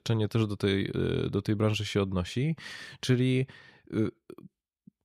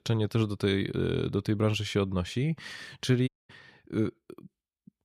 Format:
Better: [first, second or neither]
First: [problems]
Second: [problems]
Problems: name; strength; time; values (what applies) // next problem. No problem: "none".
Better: first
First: none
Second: audio cutting out; at 3.5 s